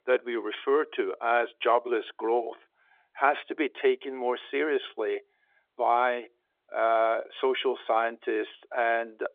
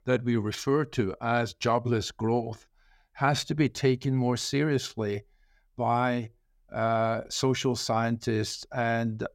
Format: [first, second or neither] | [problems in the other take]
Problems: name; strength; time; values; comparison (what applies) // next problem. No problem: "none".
second | phone-call audio; nothing above 3.5 kHz